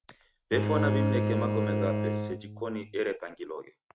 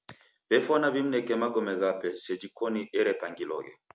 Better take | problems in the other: second | noise reduction (neural mask model RNNoise)

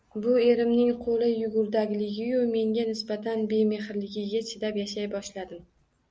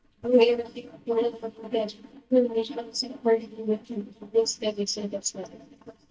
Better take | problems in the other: first | noise reduction (neural mask model DeepFilterNet 3)

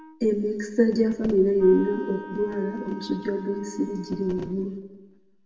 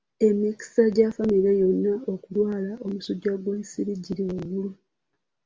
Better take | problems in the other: second | background sound (Wind instrument, woodwind instrument); 19 dB below the speech // room echo; dies away in 1.2 s

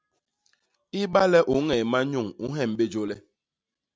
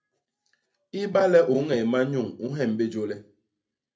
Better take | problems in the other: first | room echo; dies away in 0.3 s

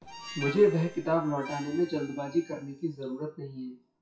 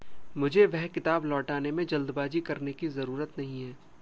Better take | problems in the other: second | noise reduction (classical method WPE with log-MMSE)

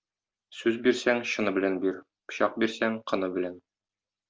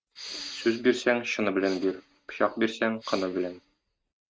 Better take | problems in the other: first | noise reduction (neural mask model RNNoise)

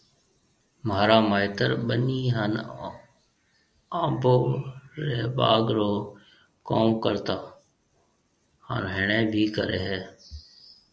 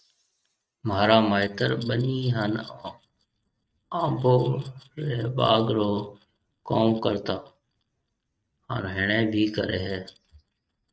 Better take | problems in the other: first | noise reduction (neural mask model RNNoise)

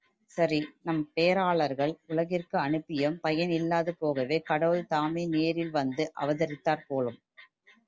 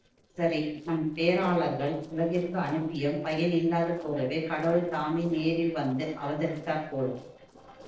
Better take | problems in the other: first | noise reduction (neural separator model SepFormer DNS4)

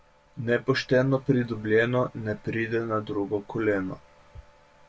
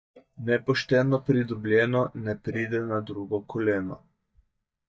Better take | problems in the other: first | noise reduction (neural mask model DeepFilterNet 3)

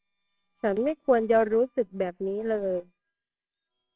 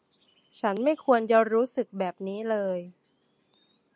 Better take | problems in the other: second | noise reduction (neural separator model SepFormer WHAMR!)

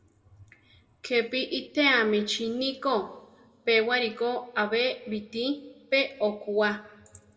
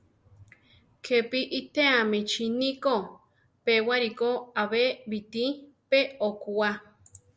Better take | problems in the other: second | room echo; dies away in 0.8 s

